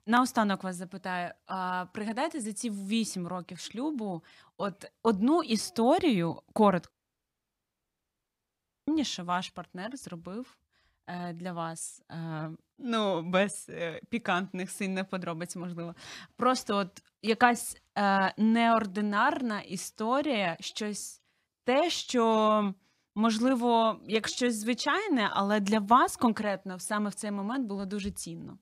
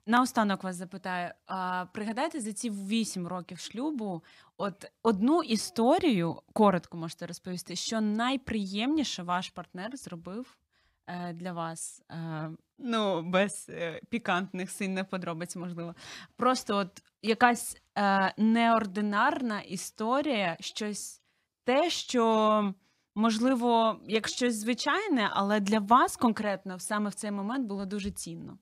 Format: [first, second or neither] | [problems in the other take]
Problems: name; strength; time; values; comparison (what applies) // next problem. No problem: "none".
second | audio cutting out; at 7 s for 2 s